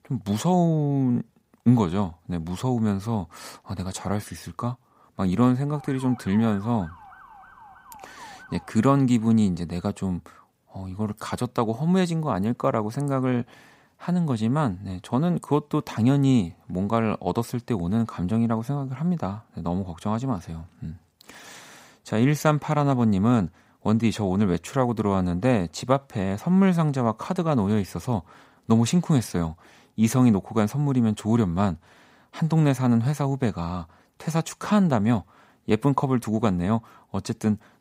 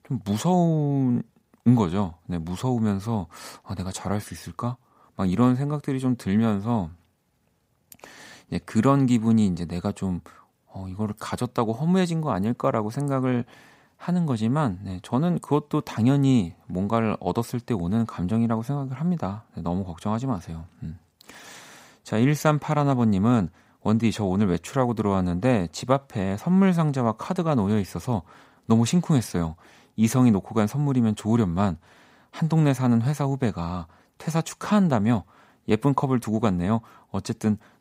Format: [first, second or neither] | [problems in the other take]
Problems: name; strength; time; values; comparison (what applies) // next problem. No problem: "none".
second | siren; faint; from 5.5 to 8.5 s; peak 15 dB below the speech